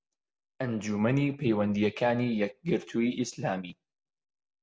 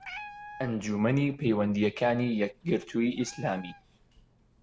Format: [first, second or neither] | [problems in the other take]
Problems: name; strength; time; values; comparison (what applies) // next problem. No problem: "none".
first | background sound (Meow); 19 dB below the speech